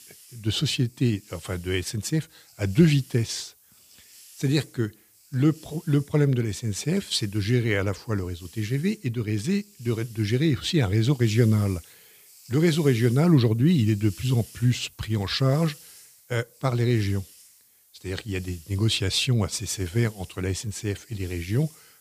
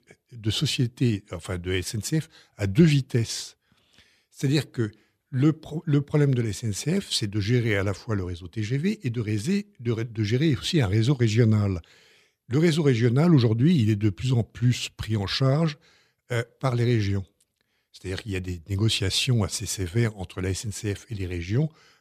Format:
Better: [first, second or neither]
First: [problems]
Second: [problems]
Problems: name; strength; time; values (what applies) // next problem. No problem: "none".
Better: second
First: hiss; faint; throughout; 25 dB below the speech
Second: none